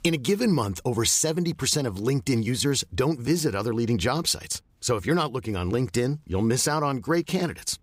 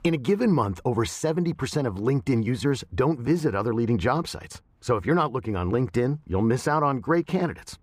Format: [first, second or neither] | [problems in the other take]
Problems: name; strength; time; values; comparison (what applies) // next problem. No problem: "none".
first | muffled; very; fading above 3 kHz